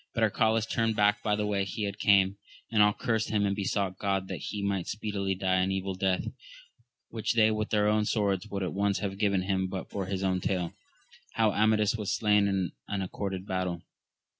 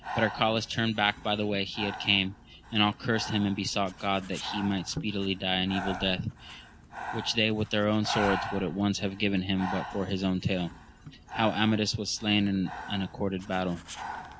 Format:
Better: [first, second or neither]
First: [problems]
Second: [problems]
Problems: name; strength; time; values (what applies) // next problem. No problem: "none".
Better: first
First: none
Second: background sound (Breathing); 11 dB below the speech